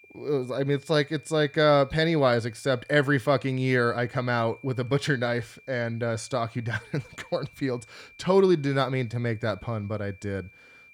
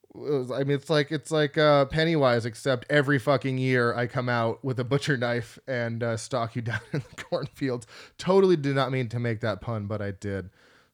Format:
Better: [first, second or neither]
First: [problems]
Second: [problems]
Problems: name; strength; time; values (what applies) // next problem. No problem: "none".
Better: second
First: high-pitched whine; faint; throughout; 2.5 kHz, 25 dB below the speech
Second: none